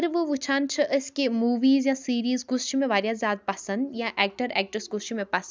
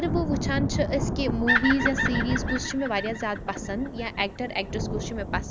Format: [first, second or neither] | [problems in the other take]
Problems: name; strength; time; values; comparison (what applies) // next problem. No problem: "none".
first | background sound (Bird vocalization, bird call, bird song + Thunder / Rain); as loud as the speech